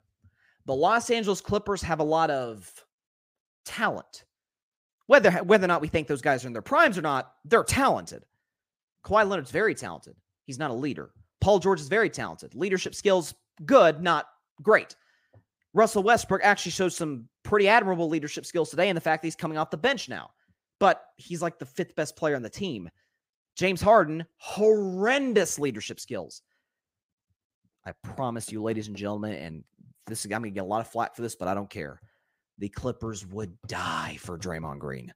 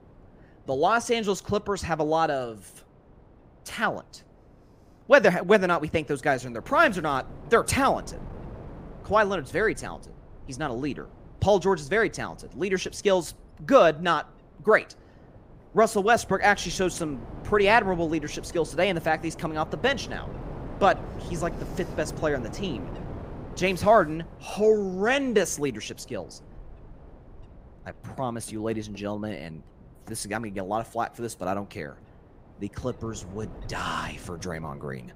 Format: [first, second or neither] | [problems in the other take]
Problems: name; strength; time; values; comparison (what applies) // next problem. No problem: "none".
first | wind noise on the microphone; occasional gusts; 25 dB below the speech